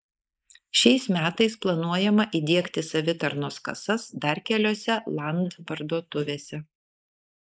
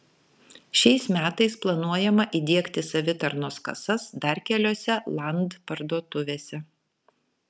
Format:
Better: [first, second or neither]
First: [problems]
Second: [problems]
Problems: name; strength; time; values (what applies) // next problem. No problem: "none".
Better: second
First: noise reduction (neural mask model Resemble Enhance denoiser)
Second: none